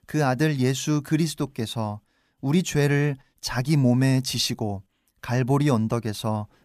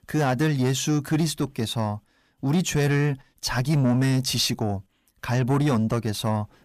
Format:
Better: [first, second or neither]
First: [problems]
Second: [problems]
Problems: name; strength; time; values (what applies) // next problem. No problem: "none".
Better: first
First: none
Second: distortion; slight; 10 dB below the speech